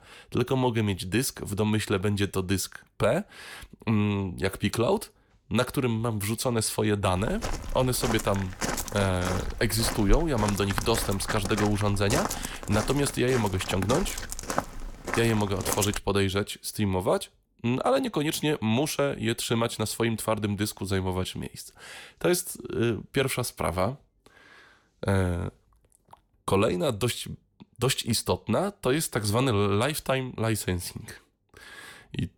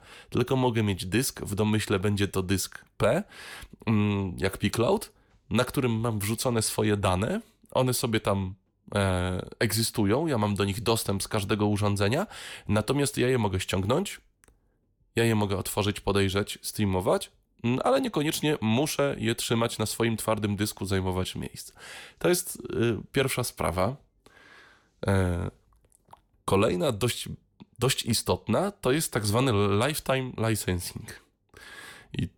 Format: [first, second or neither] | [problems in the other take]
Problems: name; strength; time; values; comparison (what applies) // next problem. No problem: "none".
second | footsteps; noticeable; from 7.5 to 16 s; peak 2 dB below the speech